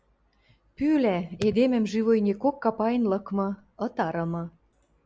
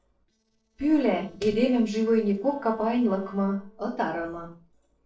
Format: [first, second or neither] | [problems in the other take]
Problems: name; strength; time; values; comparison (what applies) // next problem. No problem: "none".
first | noise reduction (neural separator model SepFormer DNS4)